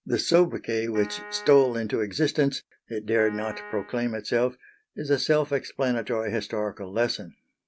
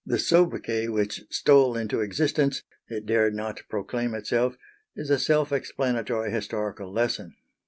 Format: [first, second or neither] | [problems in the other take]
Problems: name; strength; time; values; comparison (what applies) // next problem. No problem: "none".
second | background sound (Piano); 15 dB below the speech